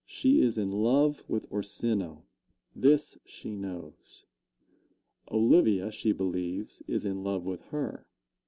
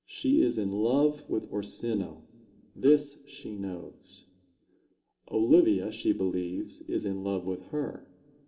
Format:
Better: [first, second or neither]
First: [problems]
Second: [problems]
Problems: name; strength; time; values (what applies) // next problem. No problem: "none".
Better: first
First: none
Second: room echo; dies away in 1.7 s